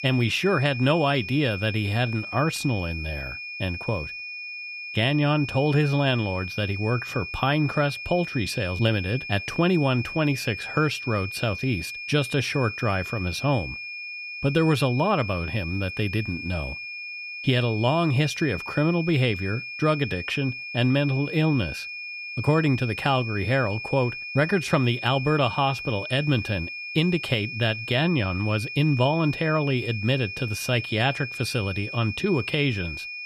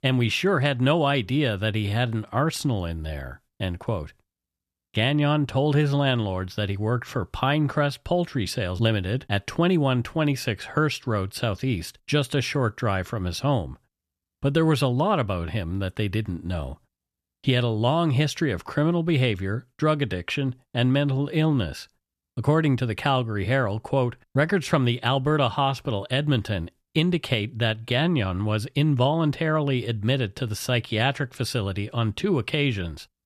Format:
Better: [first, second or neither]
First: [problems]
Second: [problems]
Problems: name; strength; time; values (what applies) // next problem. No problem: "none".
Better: second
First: high-pitched whine; loud; throughout; 2.5 kHz, 8 dB below the speech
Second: none